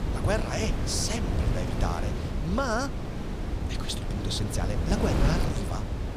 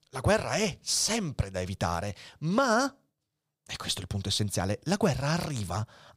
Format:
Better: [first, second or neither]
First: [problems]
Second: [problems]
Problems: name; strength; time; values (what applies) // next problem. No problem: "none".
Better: second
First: wind noise on the microphone; heavy; 4 dB below the speech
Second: none